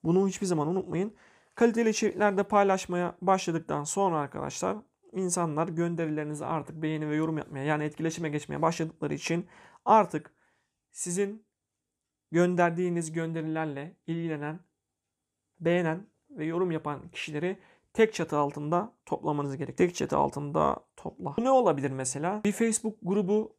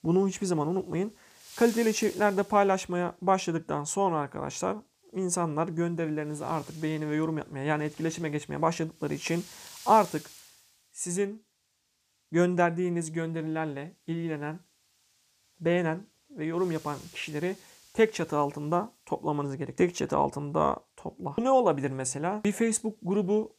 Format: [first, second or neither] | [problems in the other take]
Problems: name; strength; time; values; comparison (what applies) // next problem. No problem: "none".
first | wind noise on the microphone; occasional gusts; 20 dB below the speech